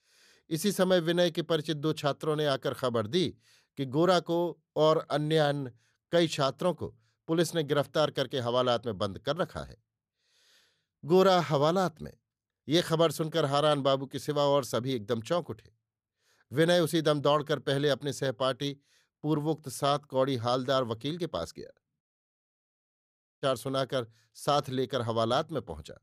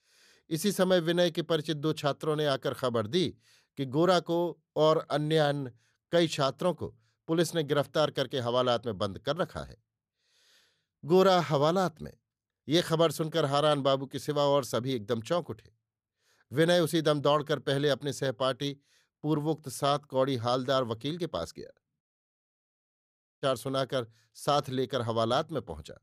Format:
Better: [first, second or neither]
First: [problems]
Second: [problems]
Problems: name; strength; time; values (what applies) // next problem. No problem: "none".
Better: neither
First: audio cutting out; at 22 s for 1.5 s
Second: audio cutting out; at 22 s for 1.5 s